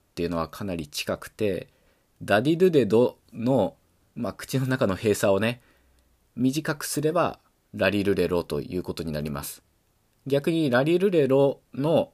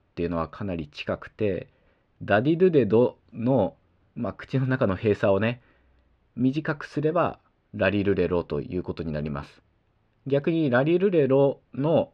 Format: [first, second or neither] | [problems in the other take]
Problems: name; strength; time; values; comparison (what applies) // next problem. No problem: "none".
first | muffled; slightly; fading above 3 kHz